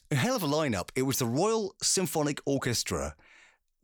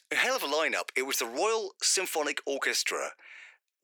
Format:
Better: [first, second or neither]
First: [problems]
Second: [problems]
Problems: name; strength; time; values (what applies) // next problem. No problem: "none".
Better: first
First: none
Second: thin; very; fading below 350 Hz